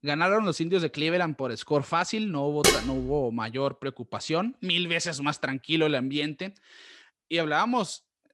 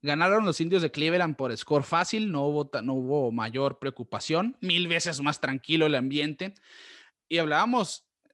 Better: second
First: clattering dishes; loud; at 2.5 s; peak 5 dB above the speech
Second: none

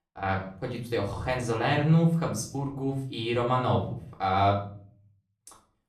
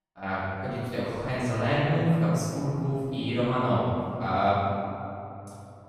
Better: first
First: room echo; slight; dies away in 0.5 s // off-mic speech; far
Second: room echo; strong; dies away in 2.9 s // off-mic speech; far

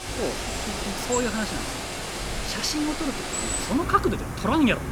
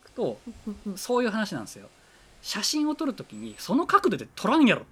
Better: second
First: animal sounds; loud; throughout; 3 dB below the speech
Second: animal sounds; faint; throughout; 30 dB below the speech

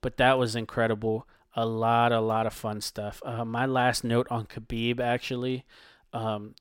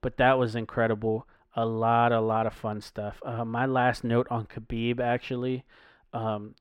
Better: first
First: none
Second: muffled; slightly; fading above 4 kHz

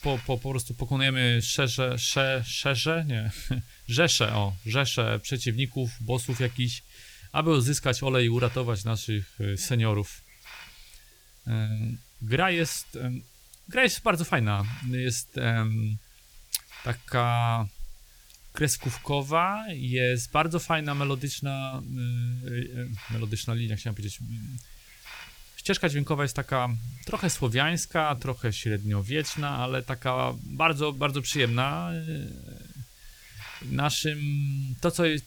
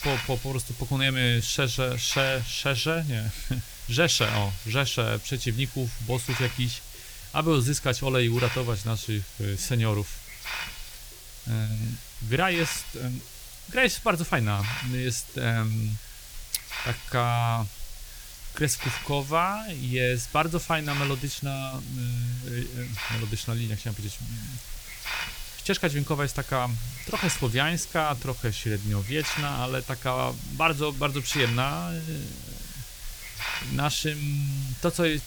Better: first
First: hiss; faint; throughout; 20 dB below the speech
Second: hiss; loud; throughout; 10 dB below the speech

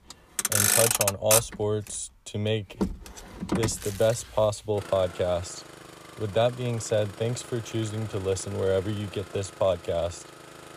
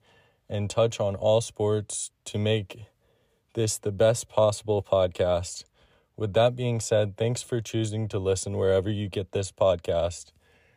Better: second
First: traffic noise; very loud; throughout; 3 dB above the speech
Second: none

